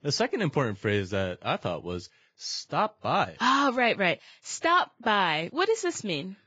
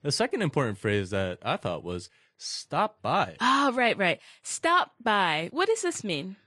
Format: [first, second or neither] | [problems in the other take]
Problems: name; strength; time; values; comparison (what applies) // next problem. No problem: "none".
second | garbled, watery; badly; nothing above 7.5 kHz; slightly in the second